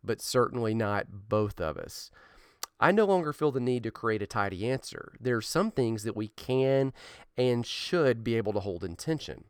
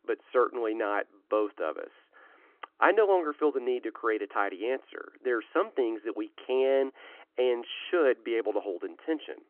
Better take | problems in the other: first | phone-call audio

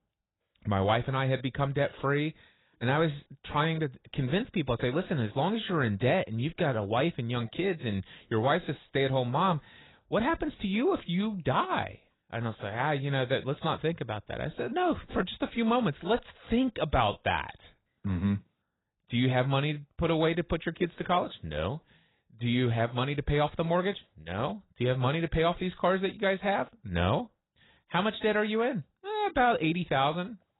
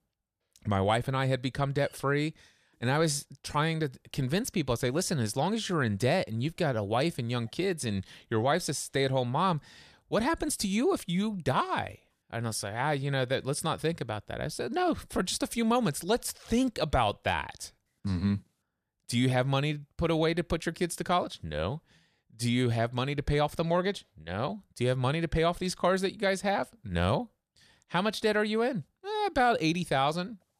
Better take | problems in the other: second | garbled, watery; badly; nothing above 4 kHz

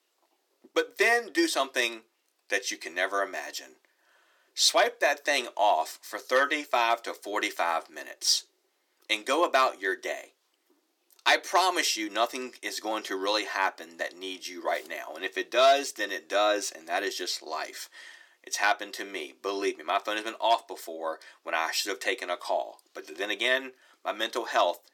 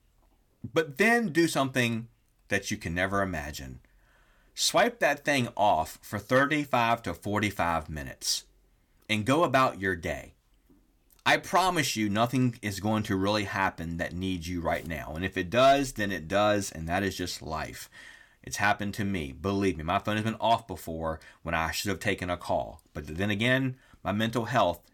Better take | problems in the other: second | thin; very; fading below 350 Hz

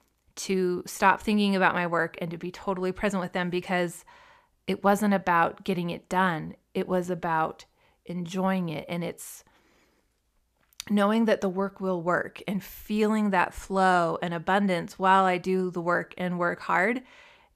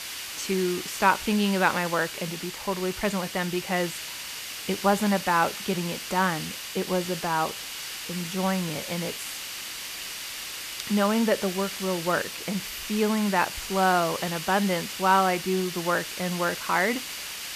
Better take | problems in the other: first | hiss; loud; throughout; 7 dB below the speech

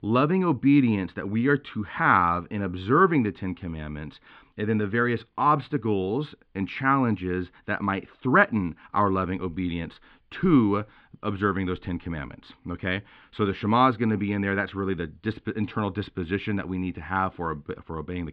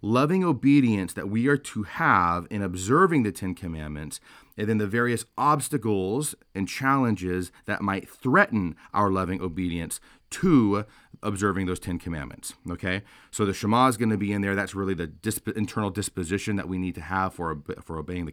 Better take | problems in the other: second | muffled; very; fading above 3.5 kHz

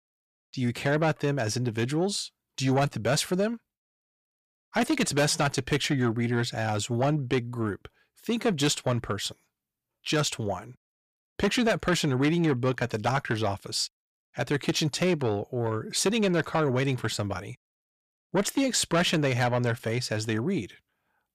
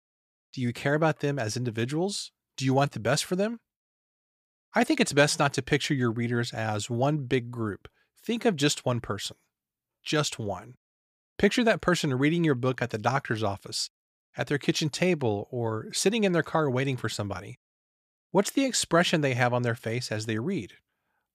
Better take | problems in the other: second | distortion; slight; 10 dB below the speech

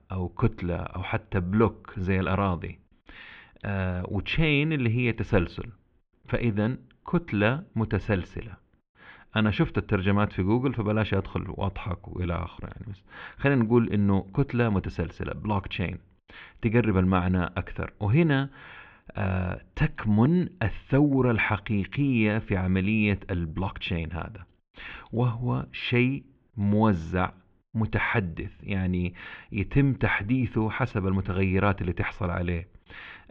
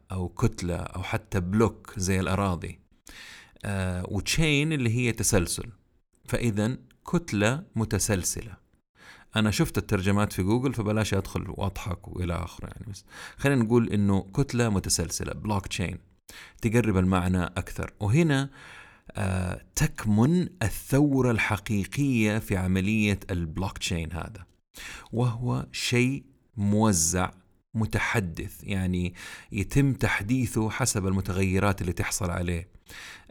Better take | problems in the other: second | muffled; very; fading above 3 kHz

